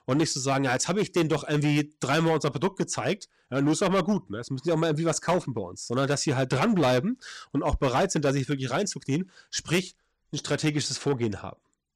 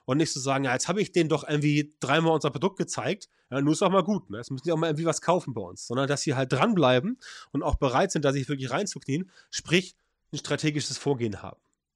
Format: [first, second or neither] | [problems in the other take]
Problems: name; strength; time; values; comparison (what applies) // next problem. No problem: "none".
second | distortion; slight; 8% of the sound clipped